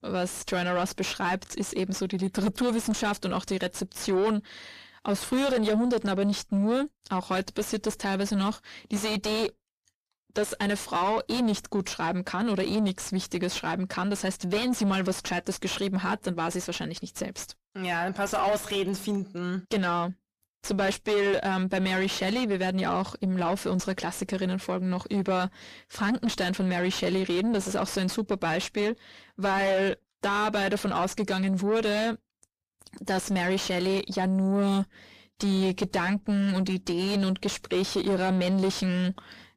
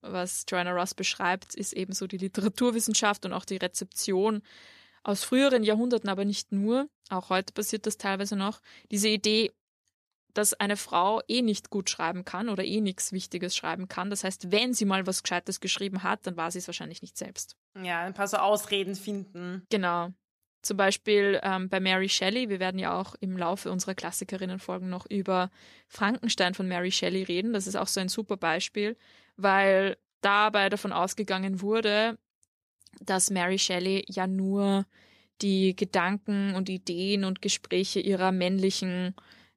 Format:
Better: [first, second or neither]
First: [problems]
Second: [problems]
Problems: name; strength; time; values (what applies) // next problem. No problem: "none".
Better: second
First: distortion; heavy; 5 dB below the speech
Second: none